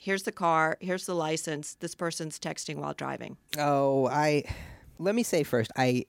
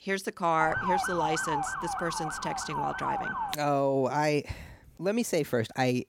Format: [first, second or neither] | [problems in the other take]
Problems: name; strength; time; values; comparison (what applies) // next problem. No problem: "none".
first | siren; loud; from 0.5 to 3.5 s; peak 1 dB above the speech